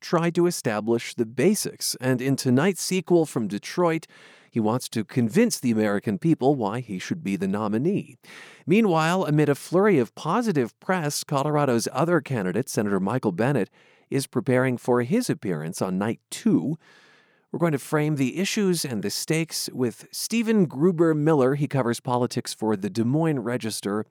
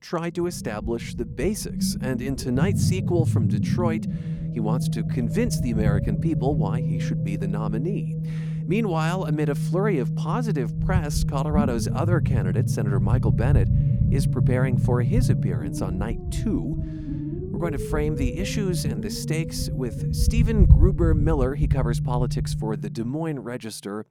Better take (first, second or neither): first